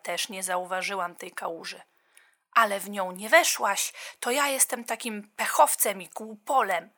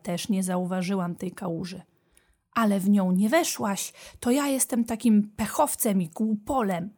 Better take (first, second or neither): second